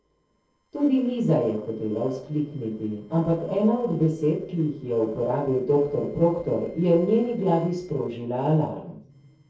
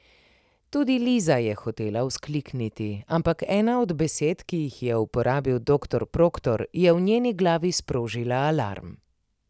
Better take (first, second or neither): second